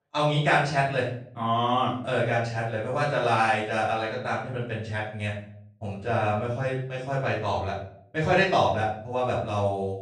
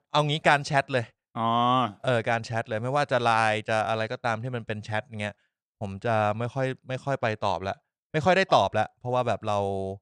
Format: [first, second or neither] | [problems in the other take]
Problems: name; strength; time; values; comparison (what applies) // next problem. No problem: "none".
second | off-mic speech; far // room echo; noticeable; dies away in 0.5 s